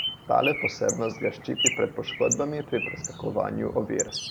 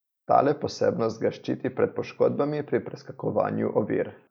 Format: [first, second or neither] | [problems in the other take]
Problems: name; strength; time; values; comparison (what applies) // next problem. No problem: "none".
second | background sound (Bird); 4 dB below the speech